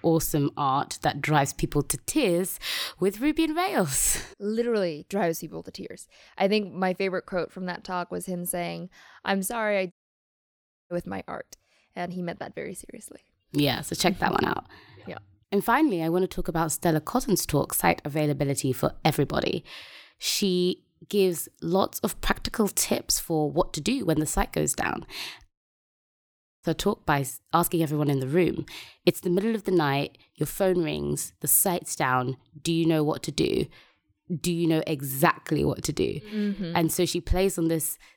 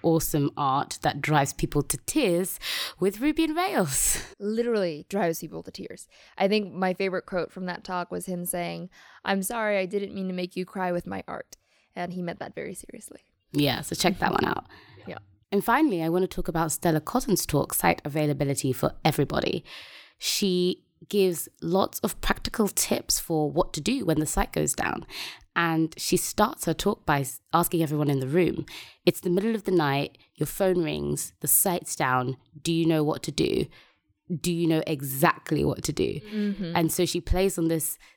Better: second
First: audio cutting out; at 10 s for 1 s and at 26 s for 1 s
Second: none

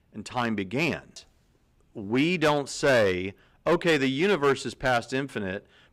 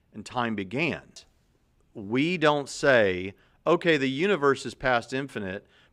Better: second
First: distortion; slight; 4% of the sound clipped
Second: none

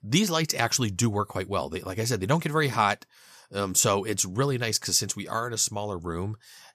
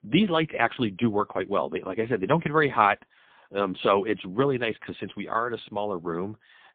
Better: first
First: none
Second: phone-call audio; poor line

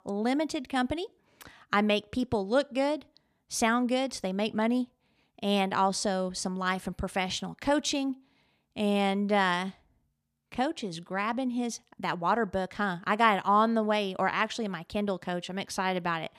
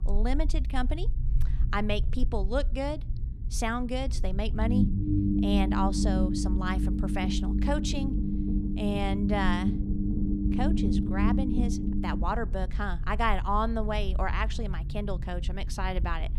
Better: first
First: none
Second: low rumble; loud; throughout; 3 dB below the speech

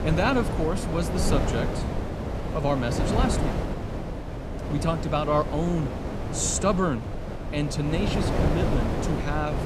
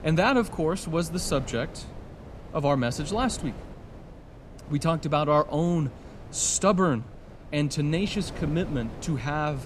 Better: second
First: wind noise on the microphone; heavy; 4 dB below the speech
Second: wind noise on the microphone; occasional gusts; 20 dB below the speech

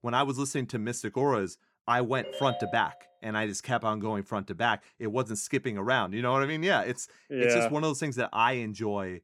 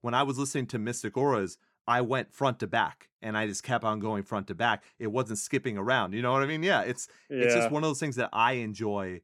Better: second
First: phone ringing; noticeable; at 2 s; peak 7 dB below the speech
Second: none

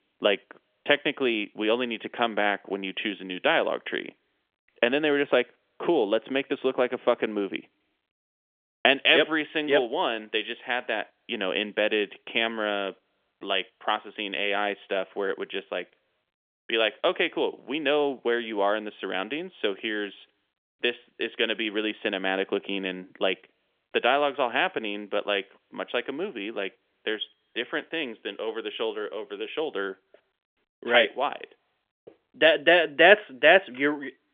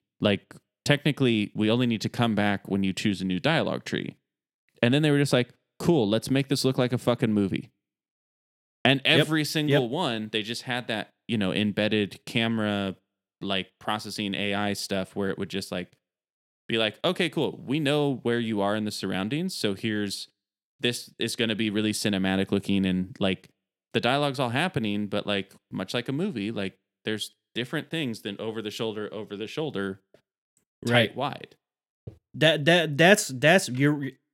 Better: second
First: phone-call audio; nothing above 3.5 kHz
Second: none

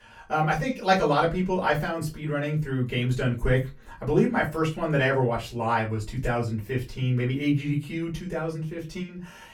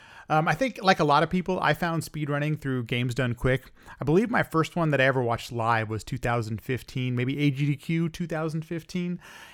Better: second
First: off-mic speech; far // room echo; very slight; dies away in 0.2 s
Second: none

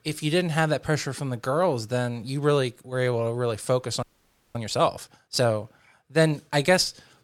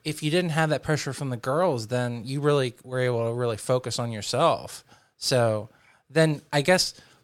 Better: second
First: audio freezing; at 4 s for 0.5 s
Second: none

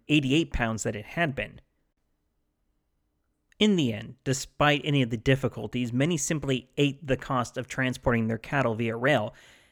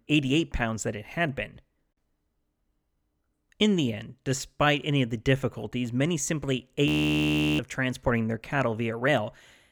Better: first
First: none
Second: audio freezing; at 7 s for 0.5 s

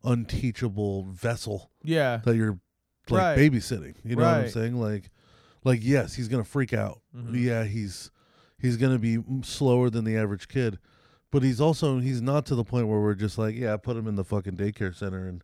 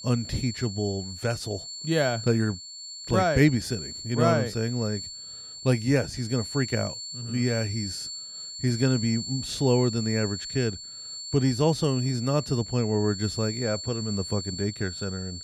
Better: first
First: none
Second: high-pitched whine; loud; throughout; 4.5 kHz, 8 dB below the speech

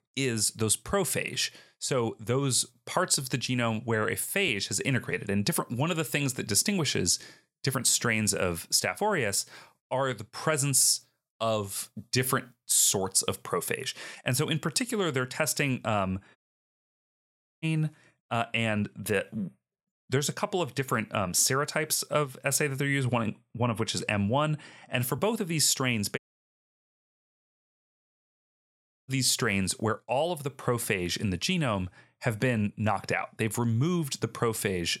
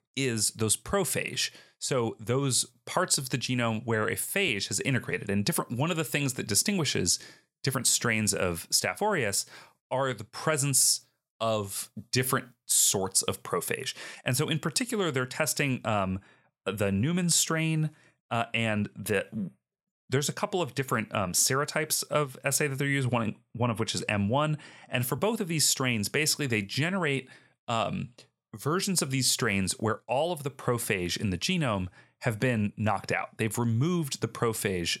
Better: second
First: audio cutting out; at 16 s for 1.5 s and at 26 s for 3 s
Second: none

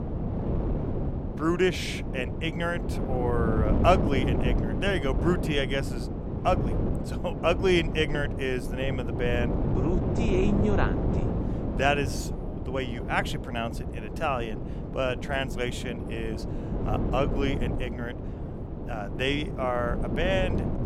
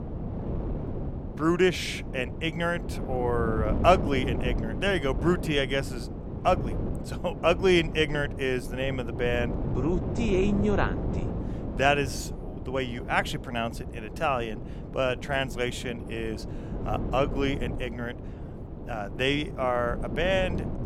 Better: second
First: wind noise on the microphone; heavy; 7 dB below the speech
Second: wind noise on the microphone; occasional gusts; 10 dB below the speech

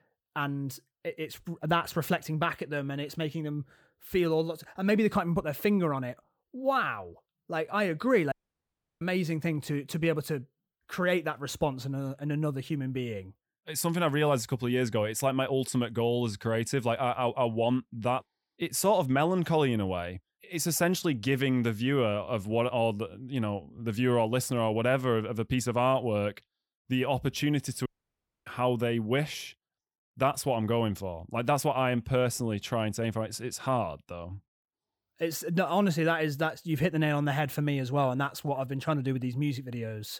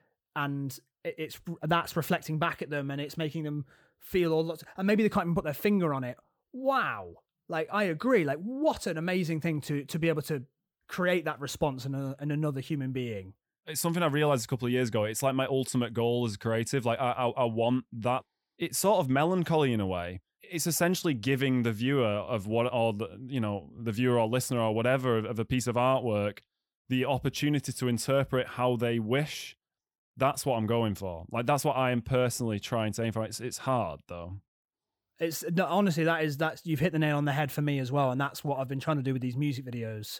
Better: second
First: audio cutting out; at 8.5 s for 0.5 s and at 28 s for 0.5 s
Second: none

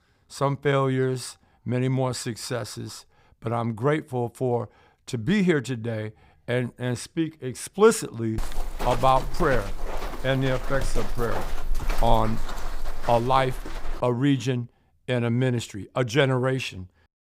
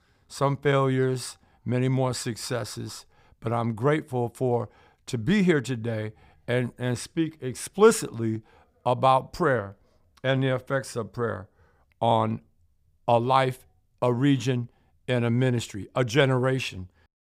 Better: second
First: footsteps; noticeable; from 8.5 to 14 s; peak 5 dB below the speech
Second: none

